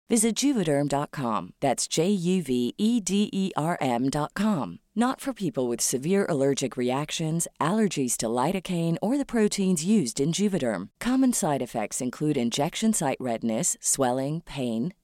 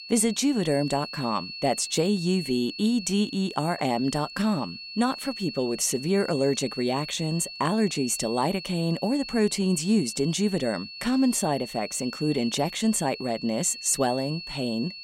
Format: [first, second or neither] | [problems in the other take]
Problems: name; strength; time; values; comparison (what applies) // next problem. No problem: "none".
first | high-pitched whine; noticeable; throughout; 4.5 kHz, 10 dB below the speech